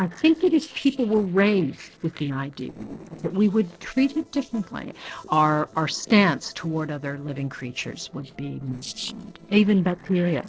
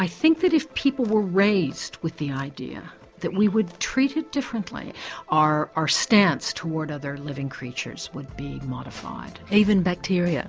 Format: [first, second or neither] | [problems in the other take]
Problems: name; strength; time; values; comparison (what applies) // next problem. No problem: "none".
second | noise reduction (neural separator model SepFormer DNS4)